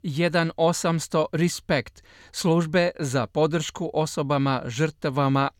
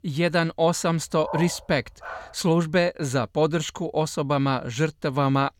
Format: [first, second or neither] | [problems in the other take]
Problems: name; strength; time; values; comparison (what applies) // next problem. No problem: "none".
first | dog barking; noticeable; from 1.5 to 2.5 s; peak 9 dB below the speech